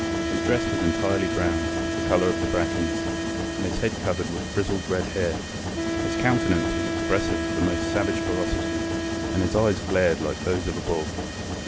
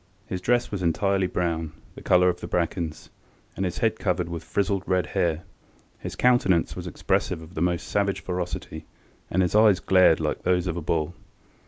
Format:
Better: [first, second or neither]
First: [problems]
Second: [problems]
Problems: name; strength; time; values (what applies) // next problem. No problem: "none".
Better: second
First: background sound (Wind instrument, woodwind instrument + Mechanisms); as loud as the speech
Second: none